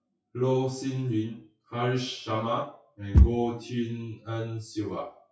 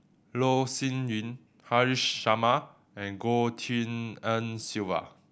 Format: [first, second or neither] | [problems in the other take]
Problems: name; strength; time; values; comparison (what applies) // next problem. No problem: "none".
second | noise reduction (classical method WPE with log-MMSE)